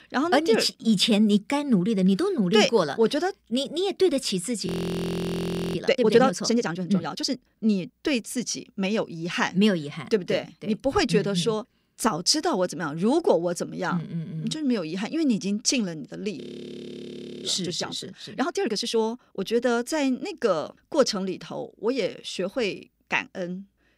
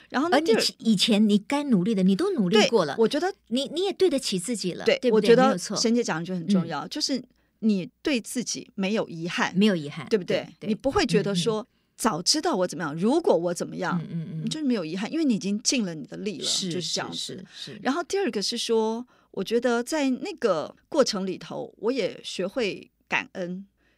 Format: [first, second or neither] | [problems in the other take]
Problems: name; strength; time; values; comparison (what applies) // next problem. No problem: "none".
second | audio freezing; at 4.5 s for 1 s and at 16 s for 1 s